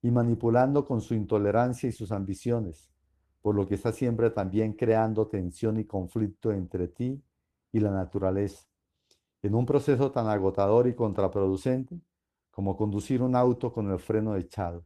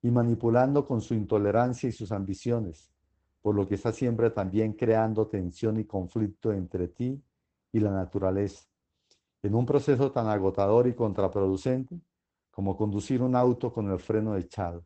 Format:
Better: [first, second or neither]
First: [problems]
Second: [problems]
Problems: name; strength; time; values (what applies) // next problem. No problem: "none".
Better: first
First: garbled, watery; slightly; nothing above 13.5 kHz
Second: garbled, watery; badly; nothing above 8 kHz